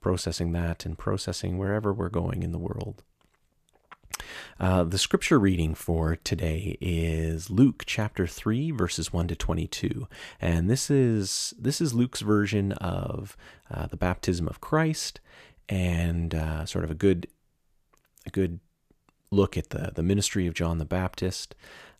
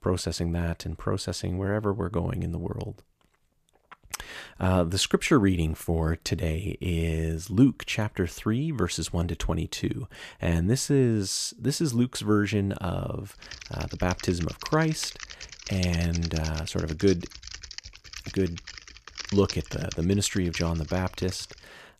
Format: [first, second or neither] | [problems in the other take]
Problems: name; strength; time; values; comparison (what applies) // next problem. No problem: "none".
first | keyboard typing; noticeable; from 13 s on; peak 7 dB below the speech